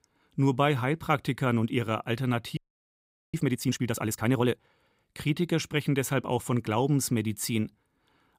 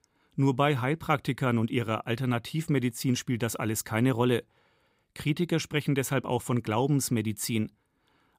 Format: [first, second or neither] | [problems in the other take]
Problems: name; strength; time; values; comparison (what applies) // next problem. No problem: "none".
second | audio freezing; at 2.5 s for 1 s